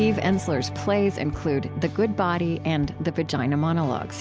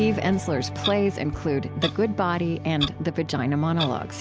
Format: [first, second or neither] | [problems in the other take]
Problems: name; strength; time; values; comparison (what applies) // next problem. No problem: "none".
first | background sound (Clock); 12 dB below the speech